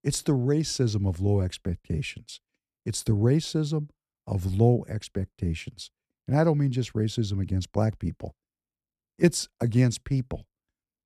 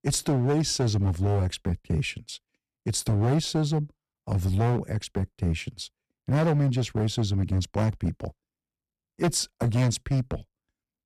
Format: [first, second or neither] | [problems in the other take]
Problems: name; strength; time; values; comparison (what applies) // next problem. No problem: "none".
first | distortion; heavy; 9% of the sound clipped